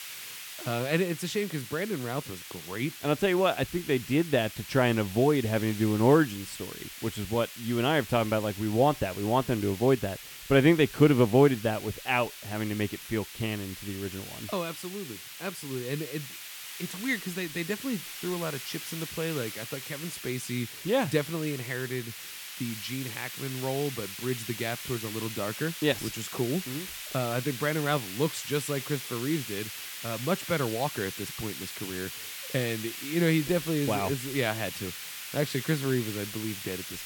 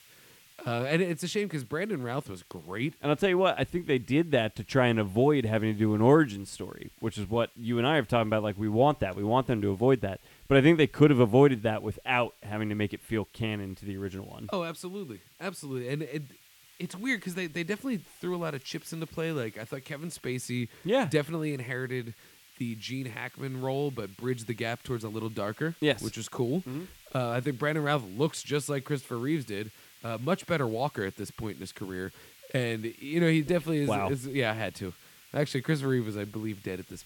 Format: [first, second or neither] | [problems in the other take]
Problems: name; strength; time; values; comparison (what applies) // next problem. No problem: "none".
second | hiss; loud; throughout; 9 dB below the speech; faint in the second